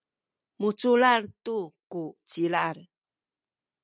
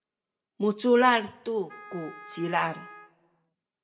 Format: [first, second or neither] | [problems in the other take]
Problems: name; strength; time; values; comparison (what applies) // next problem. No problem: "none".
first | background sound (Wind instrument, woodwind instrument); 19 dB below the speech // room echo; dies away in 0.5 s